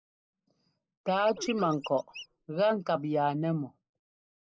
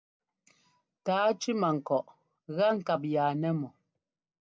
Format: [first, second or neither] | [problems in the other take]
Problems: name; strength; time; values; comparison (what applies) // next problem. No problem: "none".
second | noise reduction (neural mask model Resemble Enhance denoiser)